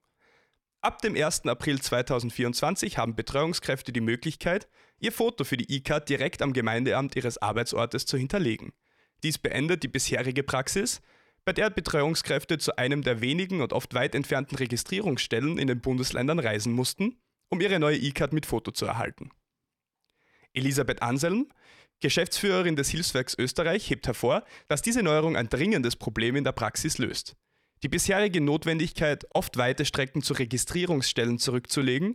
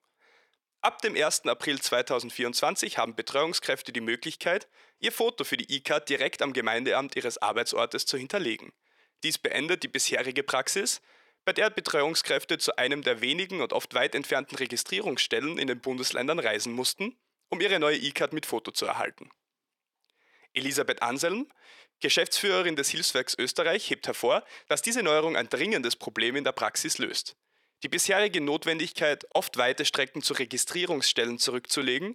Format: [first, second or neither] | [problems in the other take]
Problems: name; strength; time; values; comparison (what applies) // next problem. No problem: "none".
first | thin; somewhat; fading below 400 Hz